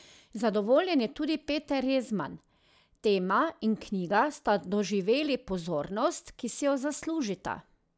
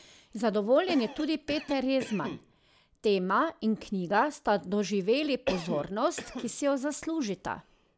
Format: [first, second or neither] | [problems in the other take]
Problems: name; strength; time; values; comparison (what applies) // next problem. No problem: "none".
first | background sound (Cough); 14 dB below the speech